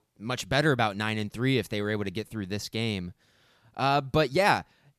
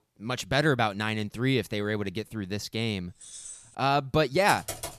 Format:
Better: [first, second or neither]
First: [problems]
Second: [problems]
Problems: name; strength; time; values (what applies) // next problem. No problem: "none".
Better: first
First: none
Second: jangling keys; faint; at 3 s; peak 15 dB below the speech // keyboard typing; noticeable; at 4.5 s; peak 8 dB below the speech